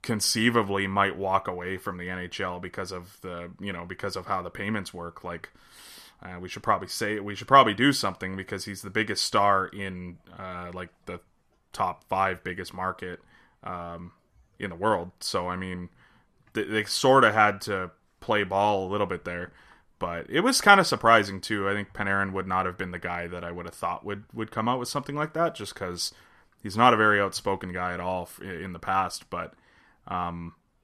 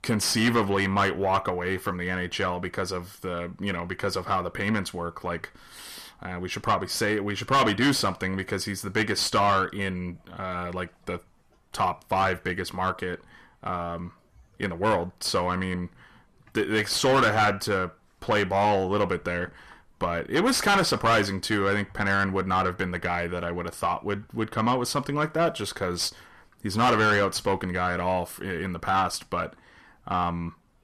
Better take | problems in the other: first | distortion; heavy; 5 dB below the speech

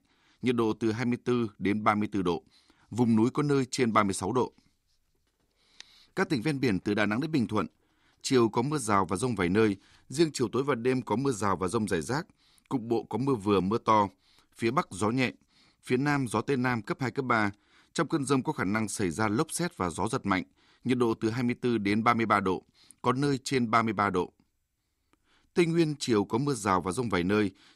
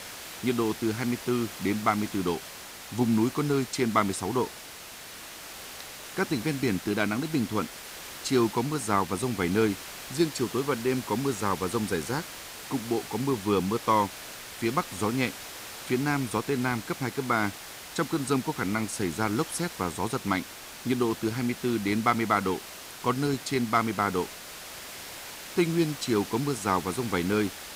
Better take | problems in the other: first | hiss; noticeable; throughout; 10 dB below the speech

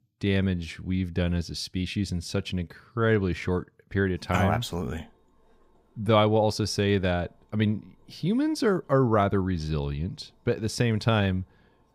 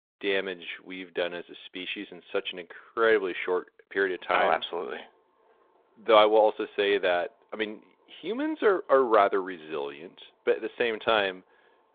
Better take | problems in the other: first | phone-call audio

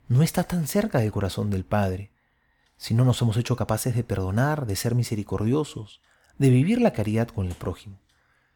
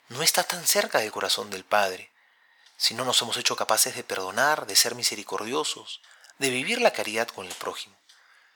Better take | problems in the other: first | thin; very; fading below 750 Hz

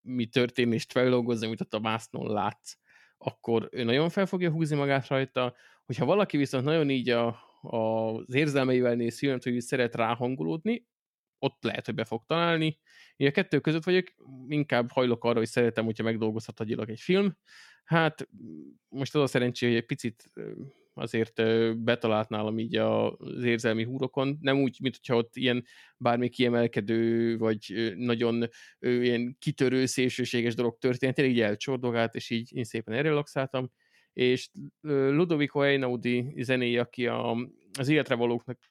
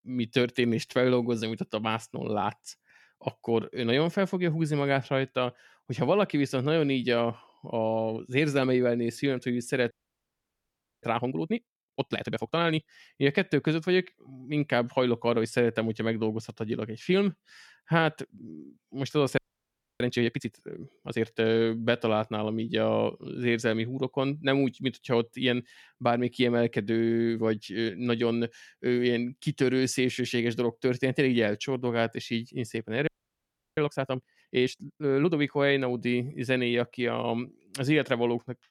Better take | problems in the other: first | audio freezing; at 10 s for 1 s, at 19 s for 0.5 s and at 33 s for 0.5 s

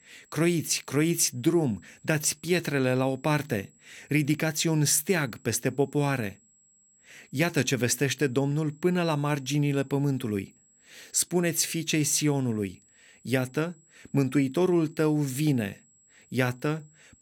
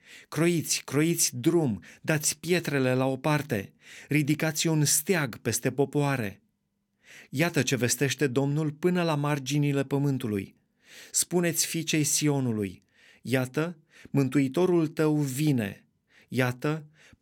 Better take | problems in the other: second | high-pitched whine; faint; throughout; 7.5 kHz, 30 dB below the speech

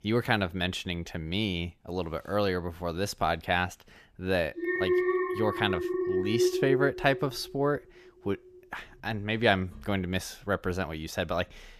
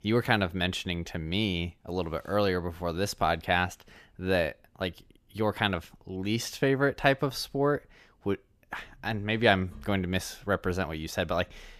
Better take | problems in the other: second | alarm; loud; from 4.5 to 7.5 s; peak 4 dB above the speech

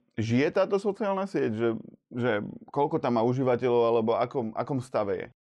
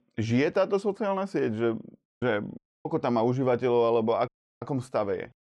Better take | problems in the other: first | audio cutting out; at 2 s, at 2.5 s and at 4.5 s

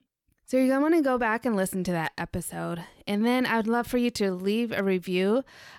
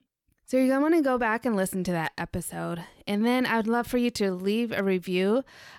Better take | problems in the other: neither | none

